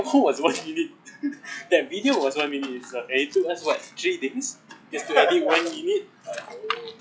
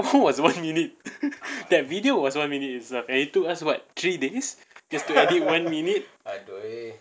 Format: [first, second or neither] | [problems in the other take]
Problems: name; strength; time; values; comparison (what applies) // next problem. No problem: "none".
second | noise reduction (classical method log-MMSE)